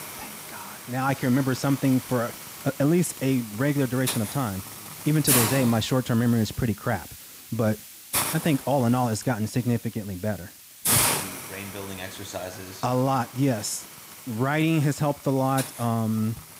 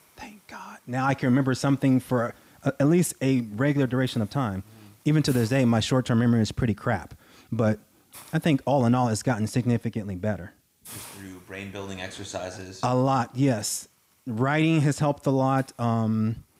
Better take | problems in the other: second | hiss; loud; throughout; 4 dB below the speech; faint in the second

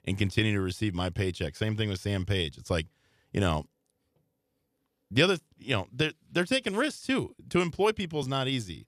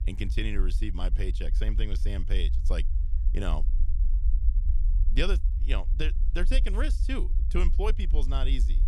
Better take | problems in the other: first | low rumble; noticeable; throughout; 15 dB below the speech

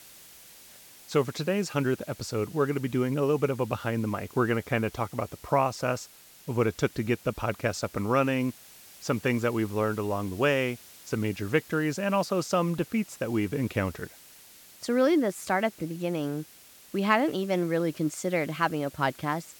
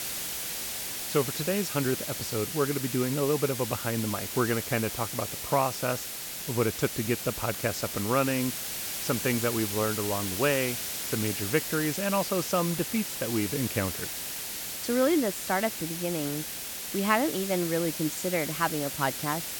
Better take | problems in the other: first | hiss; loud; throughout; 3 dB below the speech; faint in the first

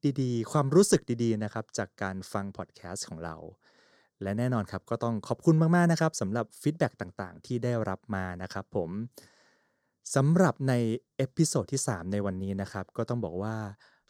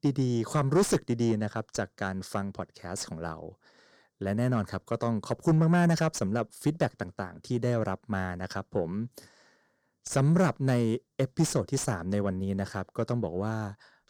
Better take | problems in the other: first | distortion; slight; 10 dB below the speech

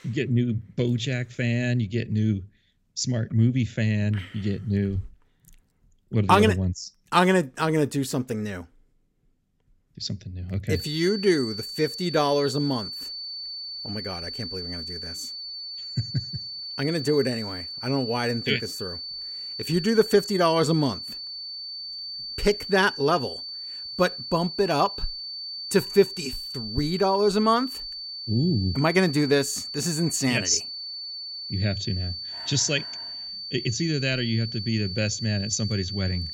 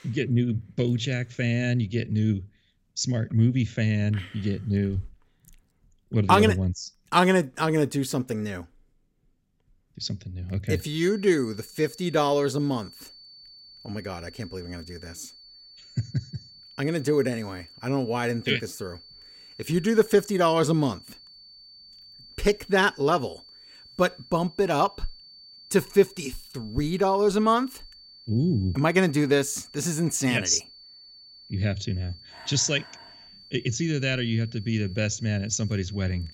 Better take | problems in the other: second | high-pitched whine; loud; from 11 s on; 4.5 kHz, 8 dB below the speech; faint in the second

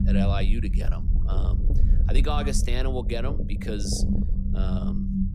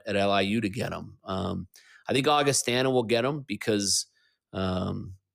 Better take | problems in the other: second | low rumble; loud; throughout; 6 dB below the speech

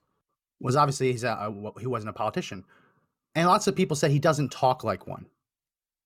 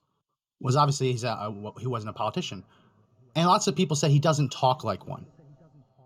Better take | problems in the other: first | room echo; very slight; dies away in 3 s

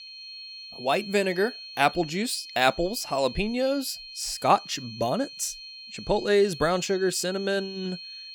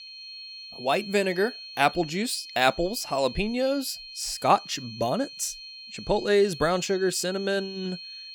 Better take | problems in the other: neither | high-pitched whine; noticeable; throughout; 4.5 kHz, 15 dB below the speech; the same in both

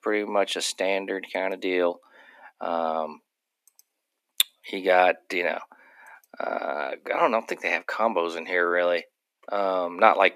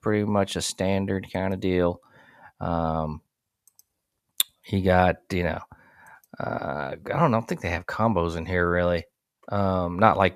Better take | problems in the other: second | thin; somewhat; fading below 250 Hz

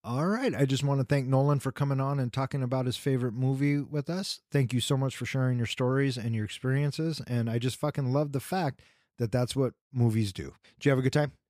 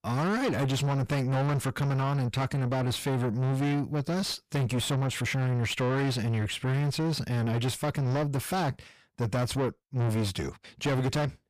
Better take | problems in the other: first | distortion; heavy; 6 dB below the speech

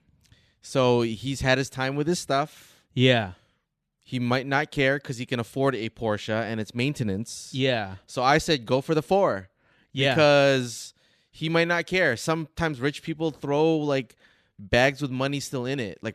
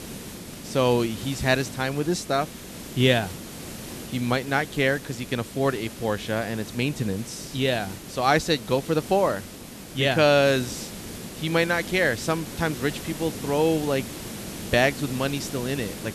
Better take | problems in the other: first | hiss; noticeable; throughout; 10 dB below the speech

